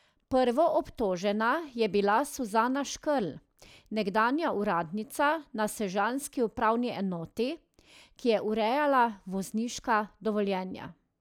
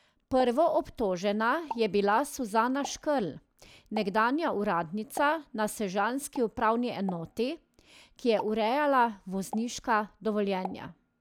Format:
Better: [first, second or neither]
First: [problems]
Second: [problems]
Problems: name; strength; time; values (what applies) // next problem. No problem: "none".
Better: first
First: none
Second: background sound (Explosion); 18 dB below the speech